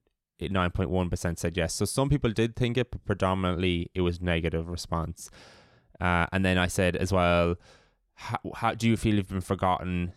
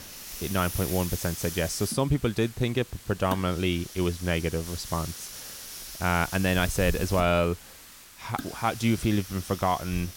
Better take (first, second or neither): first